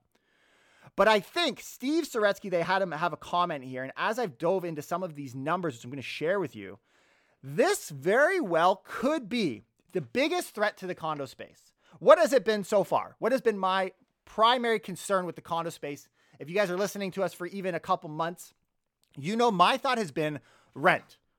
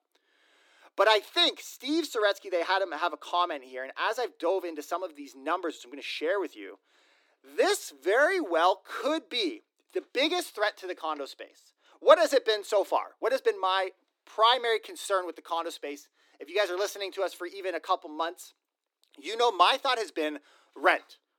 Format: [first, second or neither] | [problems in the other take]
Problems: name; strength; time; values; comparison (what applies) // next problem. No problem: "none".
first | thin; somewhat; fading below 300 Hz